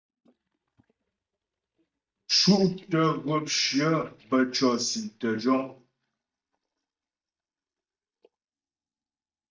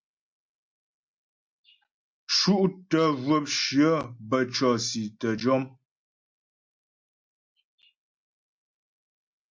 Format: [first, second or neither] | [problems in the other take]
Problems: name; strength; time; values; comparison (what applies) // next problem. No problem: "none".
second | noise reduction (neural mask model DeepFilterNet 3)